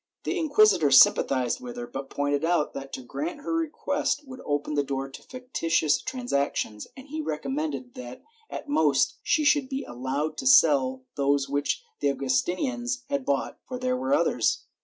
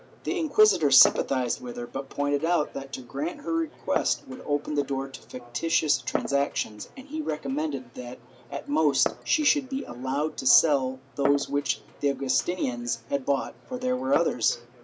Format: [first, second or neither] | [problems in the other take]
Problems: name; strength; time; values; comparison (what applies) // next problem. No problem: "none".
first | background sound (Glass); 13 dB below the speech